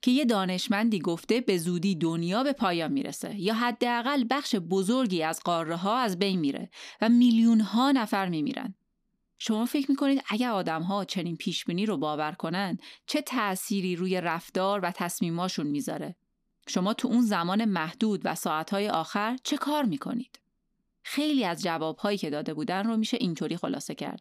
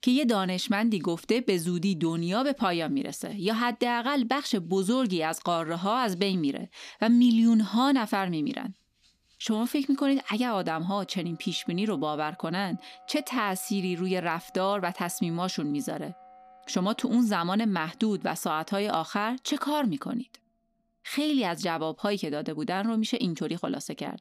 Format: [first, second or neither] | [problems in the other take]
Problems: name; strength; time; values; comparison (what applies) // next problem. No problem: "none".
first | background music; faint; throughout; 30 dB below the speech